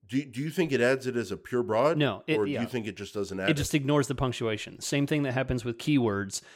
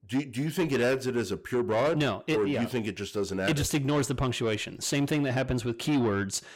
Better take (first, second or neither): first